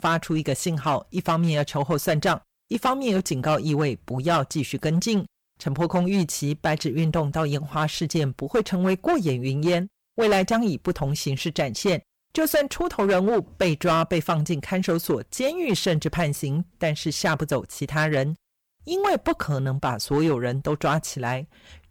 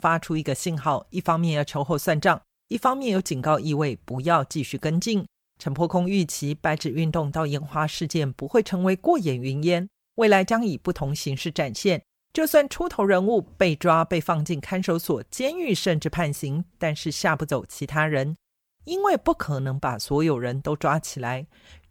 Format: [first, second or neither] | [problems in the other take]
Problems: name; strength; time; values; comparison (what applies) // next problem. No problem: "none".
second | distortion; slight; 7% of the sound clipped